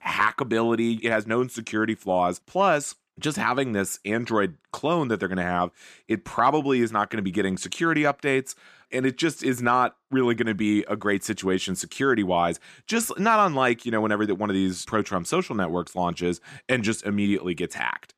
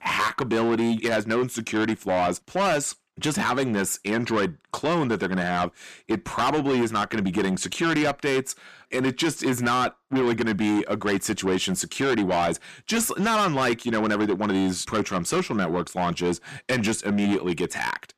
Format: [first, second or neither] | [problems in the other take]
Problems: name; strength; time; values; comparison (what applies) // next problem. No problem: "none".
first | distortion; heavy; 7 dB below the speech